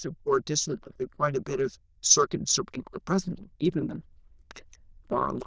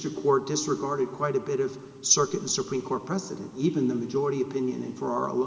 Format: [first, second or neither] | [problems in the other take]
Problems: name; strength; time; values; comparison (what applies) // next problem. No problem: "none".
second | noise reduction (neural diffusion model UNIVERSE++)